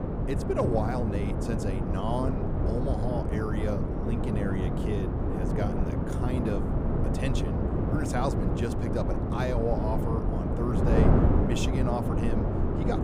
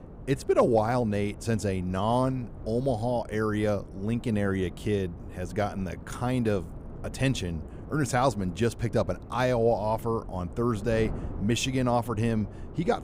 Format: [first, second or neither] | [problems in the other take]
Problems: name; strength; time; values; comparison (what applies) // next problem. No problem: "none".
second | wind noise on the microphone; heavy; as loud as the speech; occasional gusts in the second